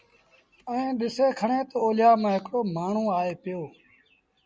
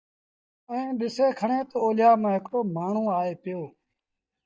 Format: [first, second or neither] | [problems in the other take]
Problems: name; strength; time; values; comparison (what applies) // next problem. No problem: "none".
first | noise reduction (neural mask model DeepFilterNet 3)